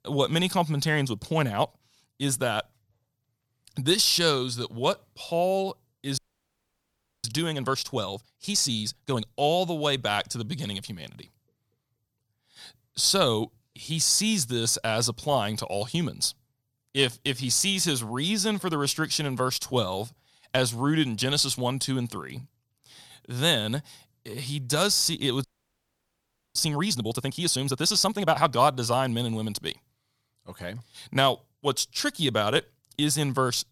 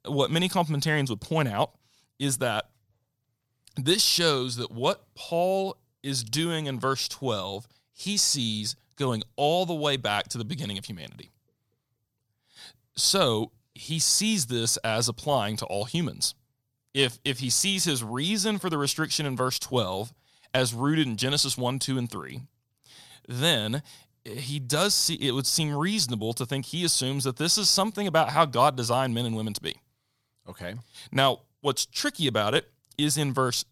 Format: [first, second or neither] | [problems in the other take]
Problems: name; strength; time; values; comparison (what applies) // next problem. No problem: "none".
second | audio freezing; at 6 s for 1 s and at 25 s for 1 s